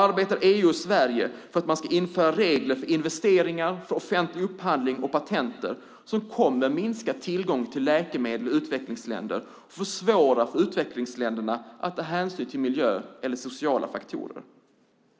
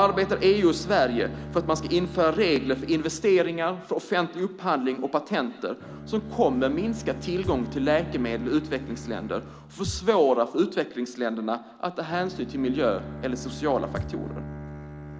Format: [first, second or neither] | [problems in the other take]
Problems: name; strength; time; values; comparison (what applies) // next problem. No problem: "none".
first | background sound (Thump, thud + Bowed string instrument); 13 dB below the speech